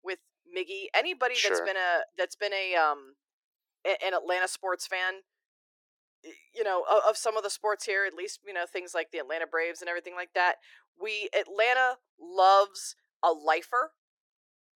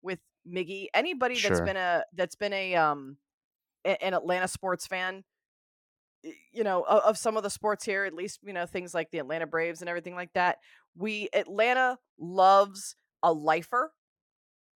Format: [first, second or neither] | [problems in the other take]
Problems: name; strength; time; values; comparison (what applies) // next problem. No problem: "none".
second | thin; very; fading below 350 Hz